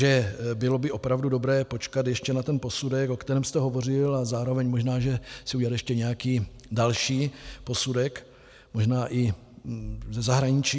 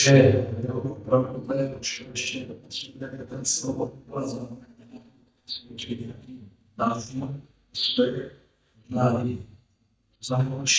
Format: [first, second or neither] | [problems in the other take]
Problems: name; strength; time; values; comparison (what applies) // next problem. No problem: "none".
first | noise reduction (neural mask model DeepFilterNet 3)